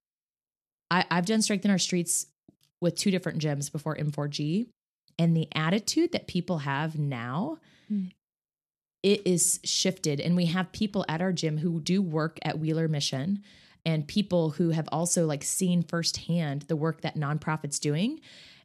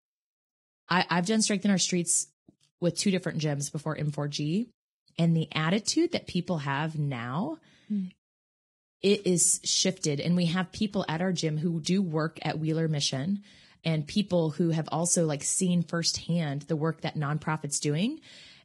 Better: first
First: none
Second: garbled, watery; badly; nothing above 10 kHz

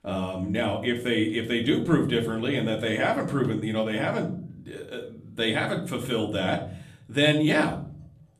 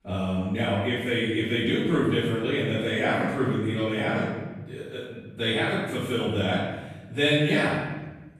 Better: first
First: room echo; slight; dies away in 0.7 s // off-mic speech; somewhat distant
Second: room echo; strong; dies away in 1.1 s // off-mic speech; far

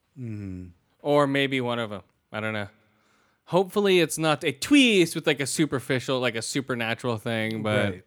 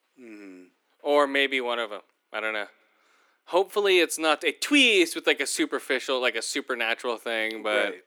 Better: first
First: none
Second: thin; somewhat; fading below 300 Hz

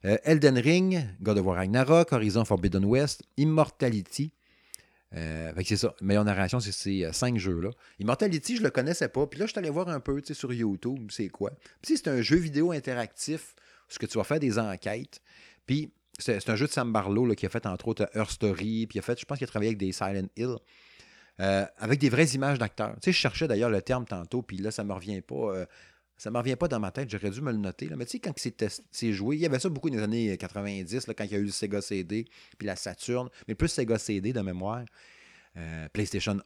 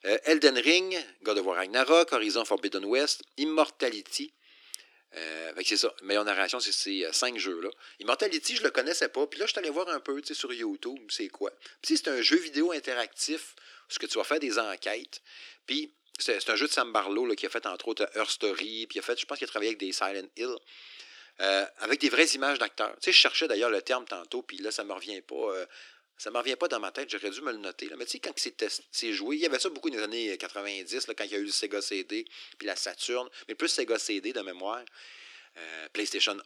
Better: first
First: none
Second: thin; somewhat; fading below 300 Hz

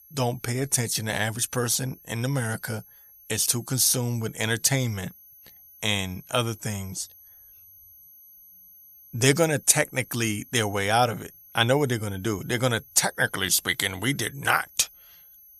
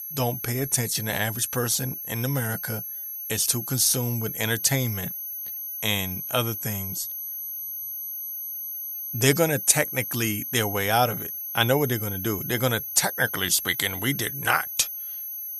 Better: first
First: high-pitched whine; faint; throughout; 11.5 kHz, 25 dB below the speech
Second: high-pitched whine; loud; throughout; 11.5 kHz, 6 dB below the speech

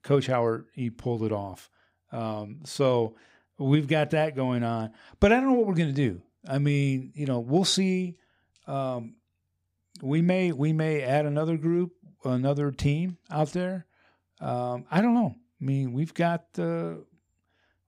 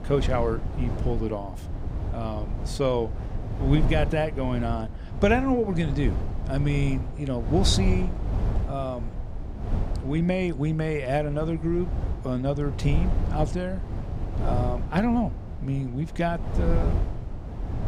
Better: first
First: none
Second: low rumble; noticeable; throughout; 10 dB below the speech

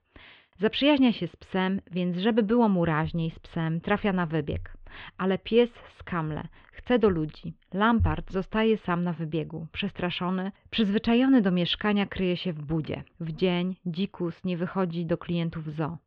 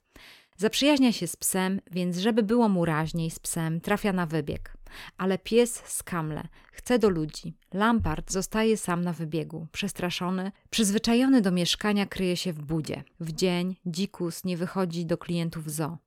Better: second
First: muffled; very; fading above 3.5 kHz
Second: none

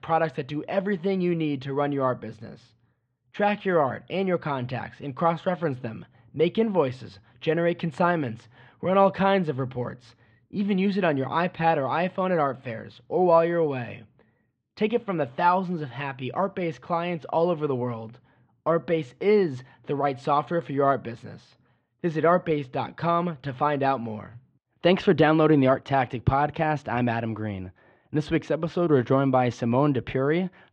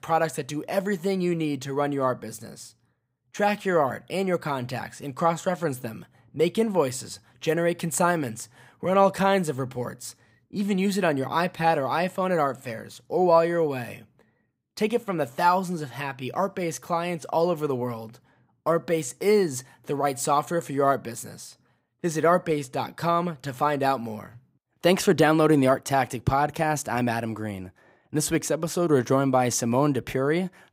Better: second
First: muffled; very; fading above 3.5 kHz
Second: none

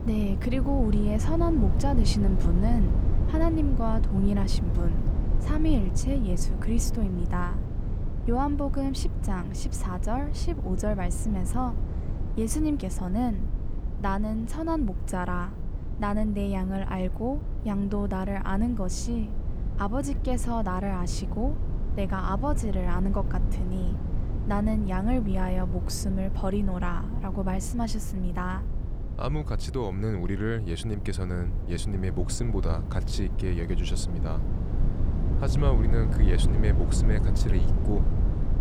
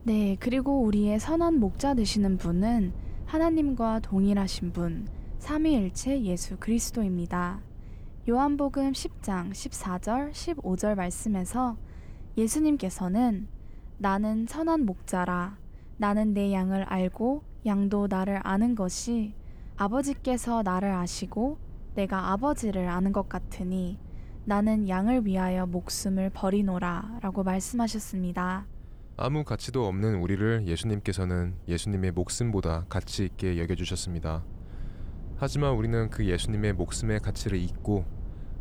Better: second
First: low rumble; loud; throughout; 9 dB below the speech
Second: low rumble; faint; throughout; 25 dB below the speech

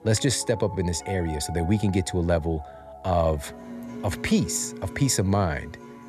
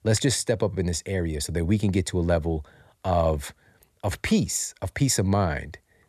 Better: second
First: background music; noticeable; throughout; 15 dB below the speech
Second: none

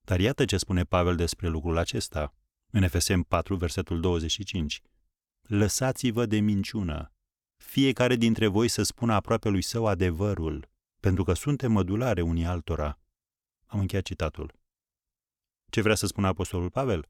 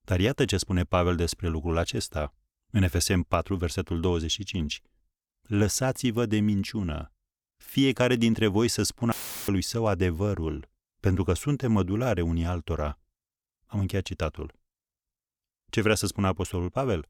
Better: first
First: none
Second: audio cutting out; filled with static; at 9 s

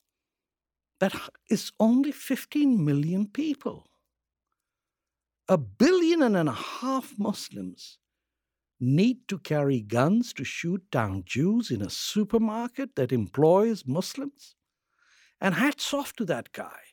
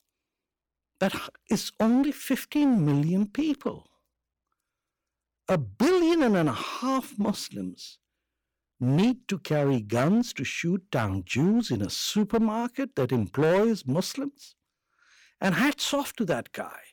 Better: first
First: none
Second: distortion; slight; 9% of the sound clipped

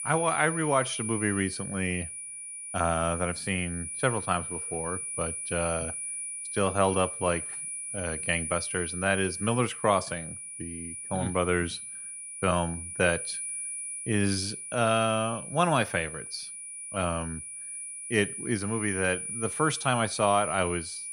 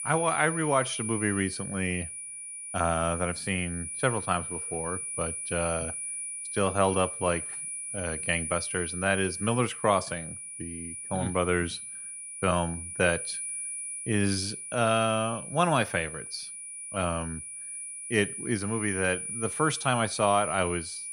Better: neither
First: high-pitched whine; loud; throughout; 9.5 kHz, 6 dB below the speech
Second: high-pitched whine; loud; throughout; 9.5 kHz, 6 dB below the speech

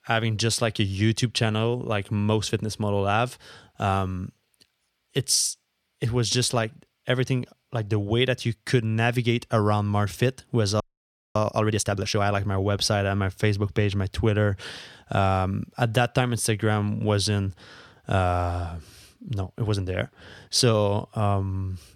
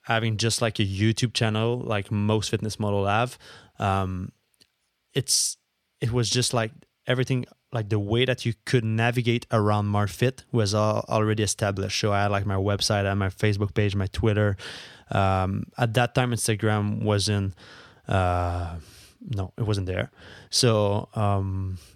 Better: second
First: audio freezing; at 11 s for 0.5 s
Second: none

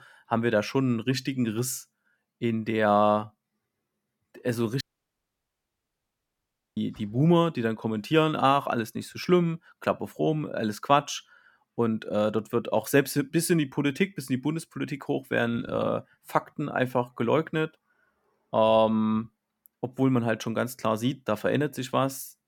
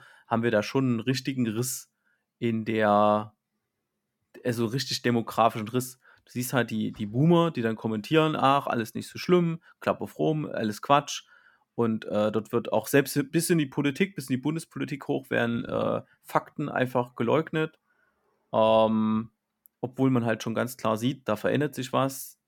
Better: second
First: audio cutting out; at 5 s for 2 s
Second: none

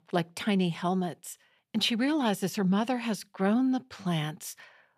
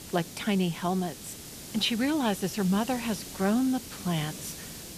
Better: first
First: none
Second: hiss; noticeable; throughout; 10 dB below the speech

